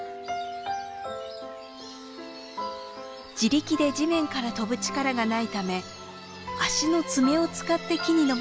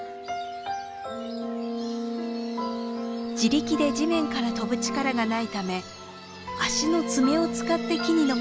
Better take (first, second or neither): first